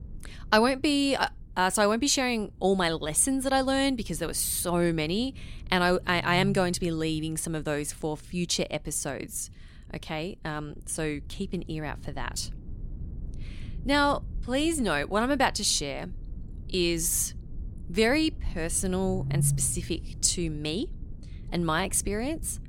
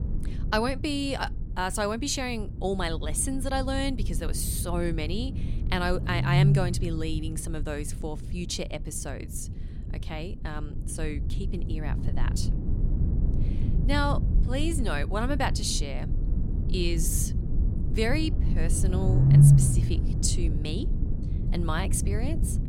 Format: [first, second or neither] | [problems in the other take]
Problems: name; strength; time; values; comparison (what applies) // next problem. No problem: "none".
first | low rumble; loud; throughout; 7 dB below the speech; faint in the first